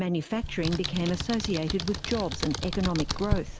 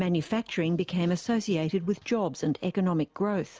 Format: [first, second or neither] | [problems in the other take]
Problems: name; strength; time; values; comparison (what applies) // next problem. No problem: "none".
second | background sound (Computer keyboard); 4 dB below the speech